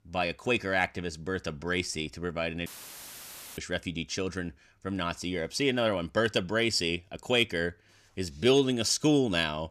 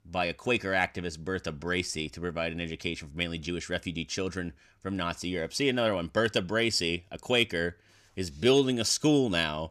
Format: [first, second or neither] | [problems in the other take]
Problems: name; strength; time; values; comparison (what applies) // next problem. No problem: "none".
second | audio cutting out; filled with static; at 2.5 s for 1 s